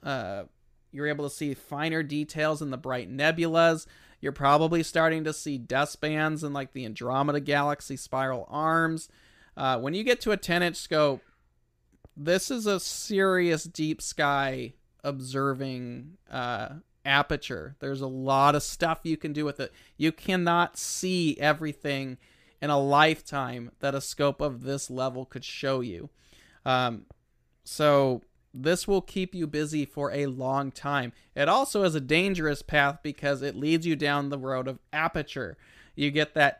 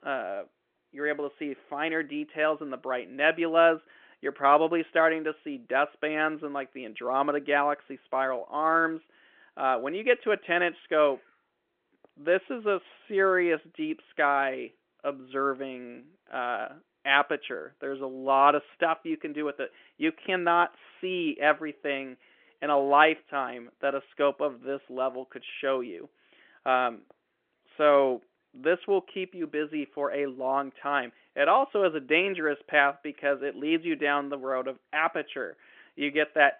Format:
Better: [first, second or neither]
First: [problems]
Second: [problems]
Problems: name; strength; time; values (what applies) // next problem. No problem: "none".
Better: first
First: none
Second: phone-call audio; nothing above 3.5 kHz